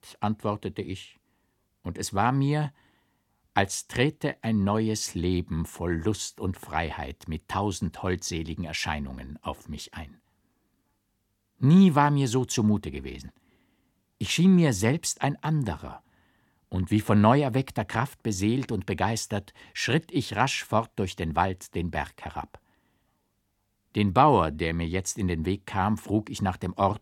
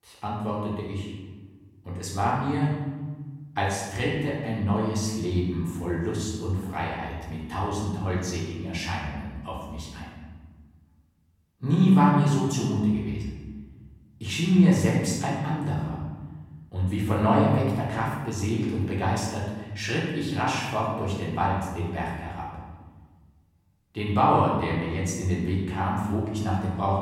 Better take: first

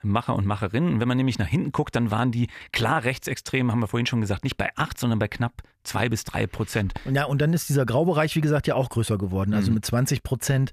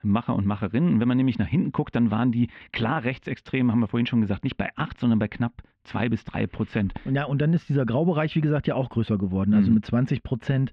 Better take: first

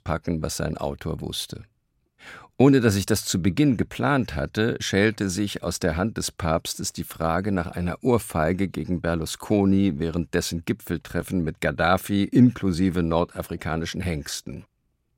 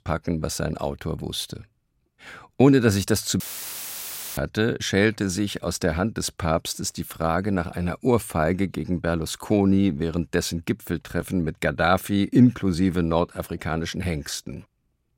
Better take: first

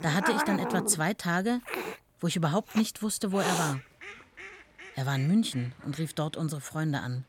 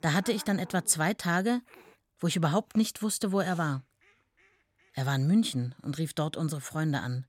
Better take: second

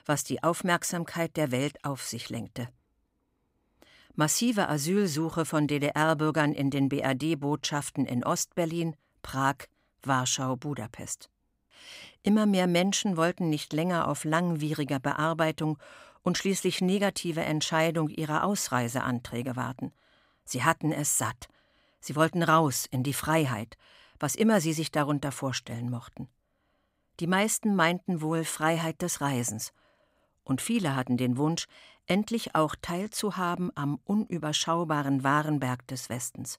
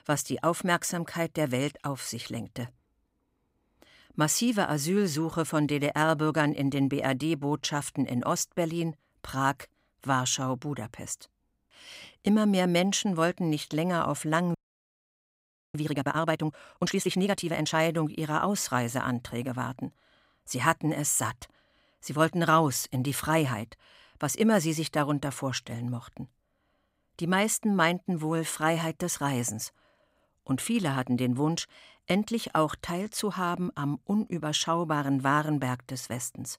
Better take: first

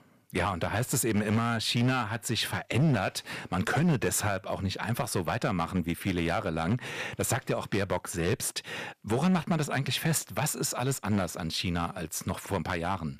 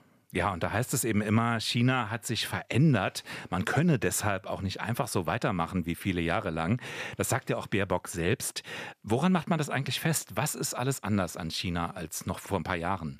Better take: second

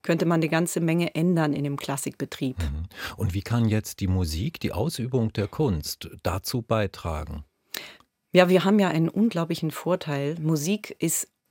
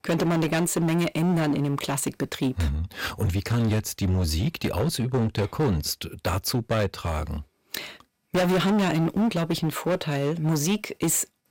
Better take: first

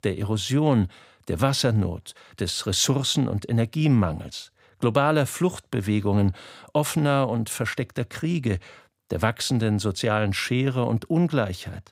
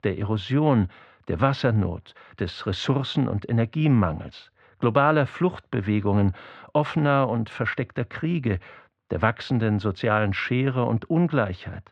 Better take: first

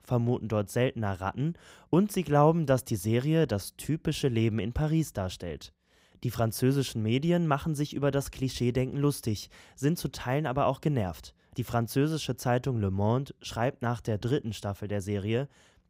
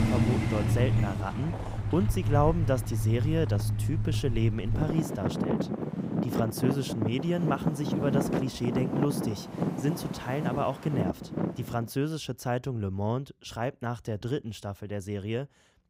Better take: first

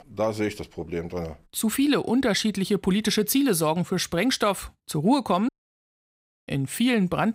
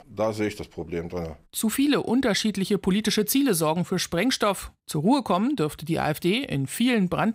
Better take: second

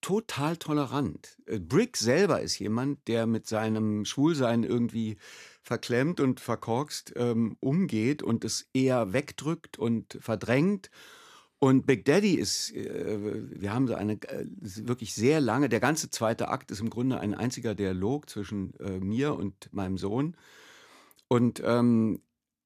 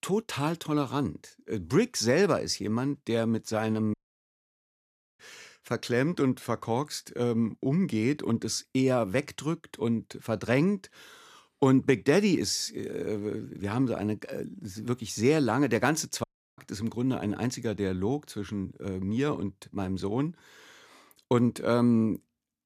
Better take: first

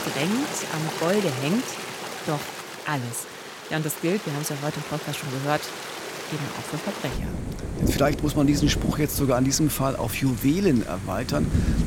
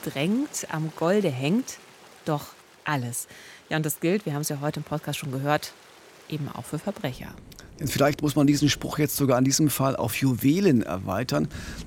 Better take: second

